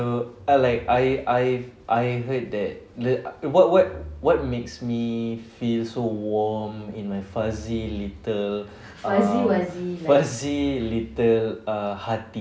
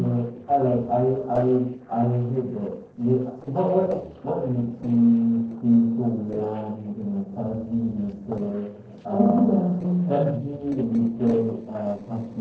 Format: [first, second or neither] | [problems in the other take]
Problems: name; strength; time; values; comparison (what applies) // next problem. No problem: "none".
first | noise reduction (neural separator model SepFormer DNS4)